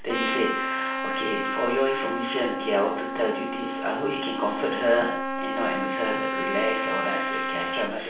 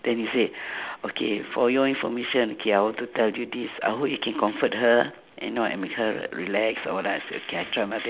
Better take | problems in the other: second | background sound (Trumpet); 2 dB below the speech // room echo; dies away in 0.5 s

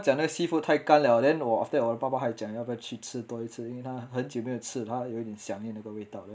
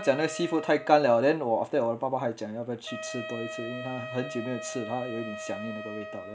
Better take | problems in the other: first | background sound (Wind instrument, woodwind instrument); 12 dB below the speech

